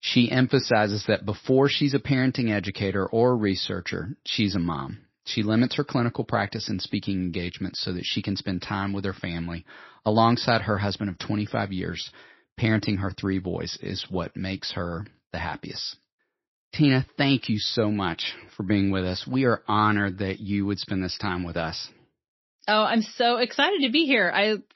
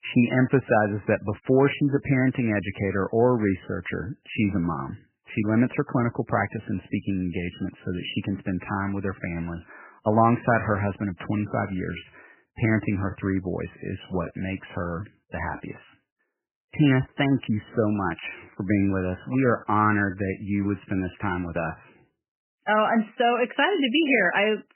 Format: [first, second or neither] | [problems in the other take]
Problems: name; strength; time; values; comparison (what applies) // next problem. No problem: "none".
first | garbled, watery; badly; nothing above 3 kHz; slightly in the first